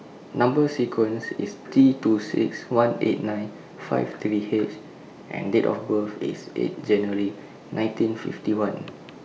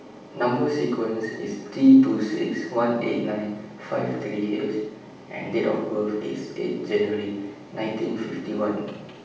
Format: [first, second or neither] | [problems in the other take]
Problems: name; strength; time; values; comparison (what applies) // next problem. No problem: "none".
first | room echo; dies away in 0.7 s